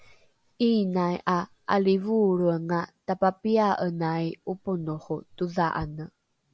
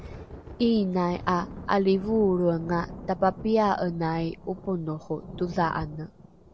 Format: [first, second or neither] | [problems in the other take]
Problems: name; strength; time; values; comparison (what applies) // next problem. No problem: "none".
first | background sound (Thunder); 15 dB below the speech